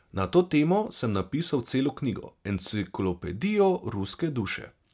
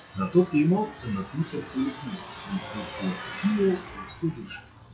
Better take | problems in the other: first | noise reduction (classical method WPE with log-MMSE)

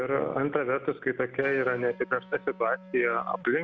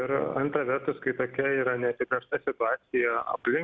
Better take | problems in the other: second | background sound (Electric guitar); 18 dB below the speech

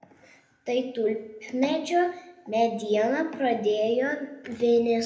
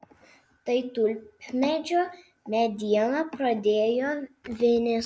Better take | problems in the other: second | room echo; dies away in 0.7 s

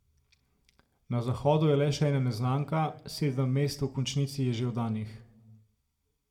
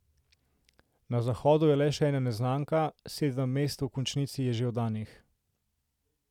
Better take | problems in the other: second | room echo; dies away in 0.6 s

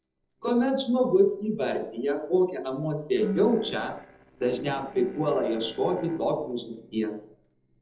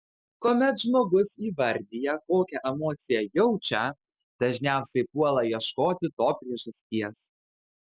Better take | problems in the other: second | noise reduction (neural separator model SepFormer DNS4)

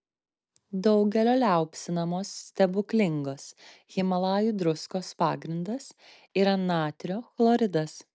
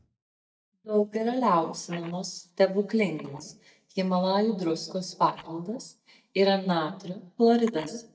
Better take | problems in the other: first | noise reduction (neural mask model DeepFilterNet 3)

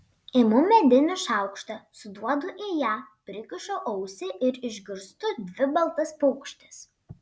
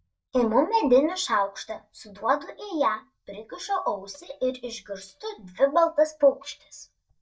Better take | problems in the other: first | noise reduction (neural mask model DeepFilterNet 3)

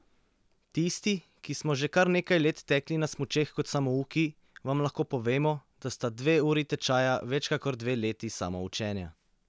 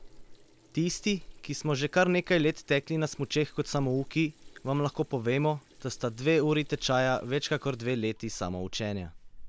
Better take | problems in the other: first | background sound (Sink (filling or washing) / Water tap, faucet); 18 dB below the speech

